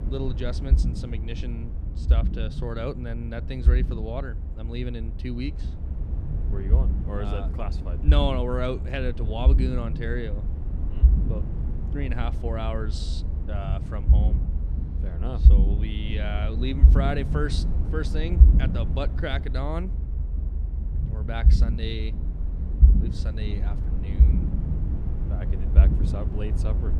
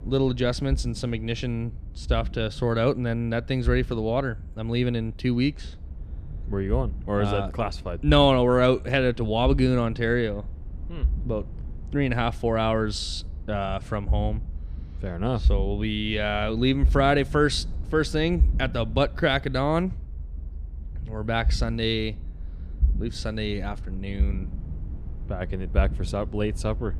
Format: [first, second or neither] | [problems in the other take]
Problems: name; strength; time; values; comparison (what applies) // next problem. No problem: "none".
second | low rumble; loud; throughout; 7 dB below the speech; faint in the second